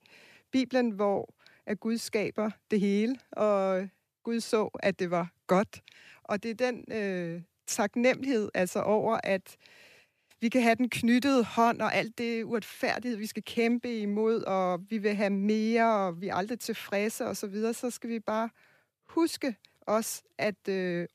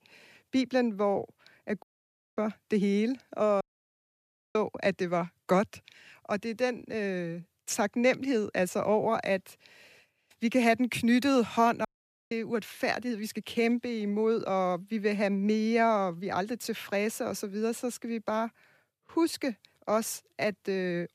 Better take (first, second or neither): first